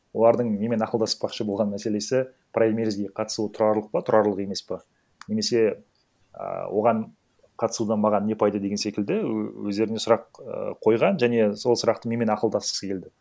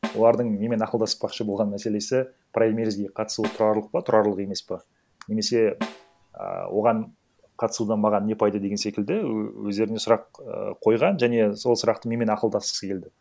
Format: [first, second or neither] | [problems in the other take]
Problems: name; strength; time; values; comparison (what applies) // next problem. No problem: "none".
first | background sound (Snare drum); 14 dB below the speech